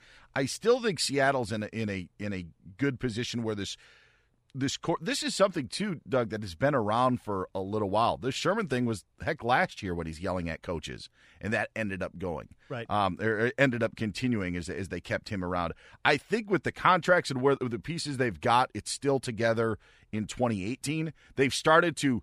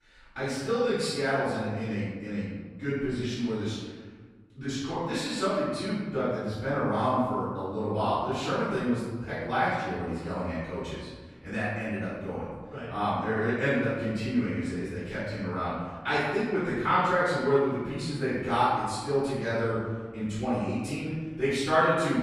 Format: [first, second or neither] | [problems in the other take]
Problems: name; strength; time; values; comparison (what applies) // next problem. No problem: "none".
first | off-mic speech; far // room echo; strong; dies away in 1.3 s